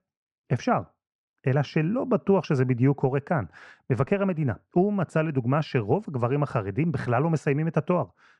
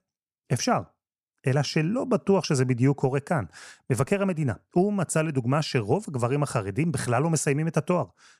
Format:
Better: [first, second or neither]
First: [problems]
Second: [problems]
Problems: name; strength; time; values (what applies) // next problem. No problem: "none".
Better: second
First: muffled; very; fading above 2.5 kHz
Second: none